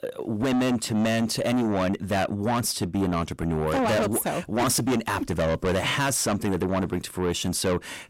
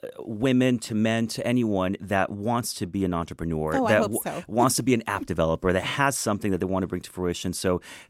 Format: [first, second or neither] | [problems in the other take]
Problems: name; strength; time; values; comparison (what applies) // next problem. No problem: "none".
second | distortion; heavy; 6 dB below the speech